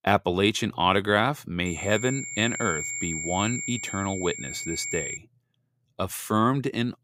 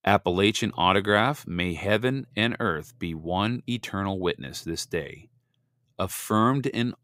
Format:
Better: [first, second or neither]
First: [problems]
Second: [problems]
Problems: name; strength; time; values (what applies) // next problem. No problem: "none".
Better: second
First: high-pitched whine; loud; from 1.5 to 5 s; 2 kHz, 5 dB below the speech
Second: none